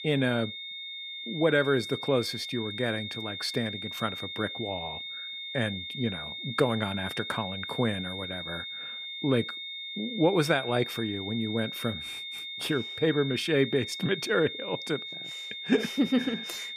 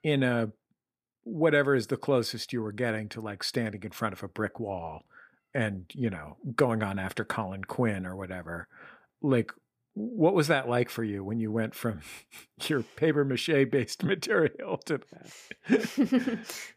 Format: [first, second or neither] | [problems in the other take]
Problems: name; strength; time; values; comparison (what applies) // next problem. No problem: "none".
second | high-pitched whine; loud; throughout; 3.5 kHz, 6 dB below the speech